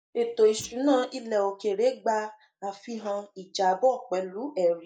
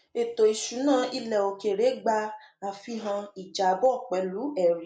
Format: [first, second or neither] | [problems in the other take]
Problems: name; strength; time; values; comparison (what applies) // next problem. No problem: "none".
second | noise reduction (neural mask model DeepFilterNet 3)